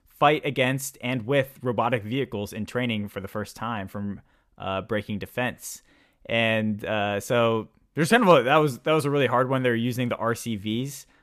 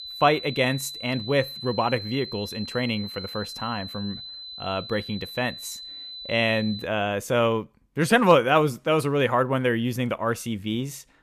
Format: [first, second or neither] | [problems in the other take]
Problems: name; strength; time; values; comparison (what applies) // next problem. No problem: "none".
first | high-pitched whine; noticeable; until 7 s; 4 kHz, 10 dB below the speech